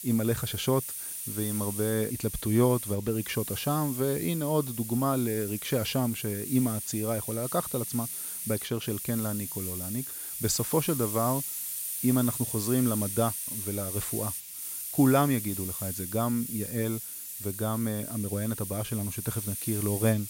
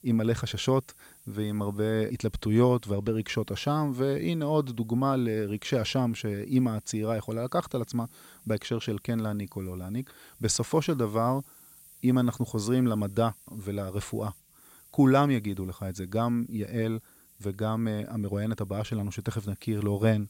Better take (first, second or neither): second